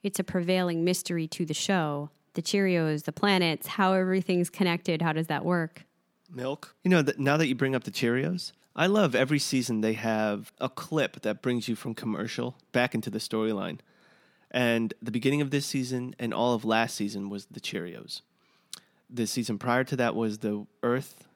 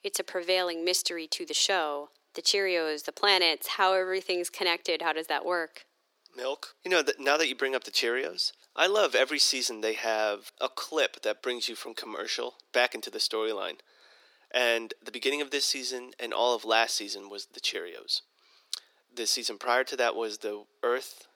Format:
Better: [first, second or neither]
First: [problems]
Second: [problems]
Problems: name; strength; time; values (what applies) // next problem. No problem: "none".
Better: first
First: none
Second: thin; very; fading below 400 Hz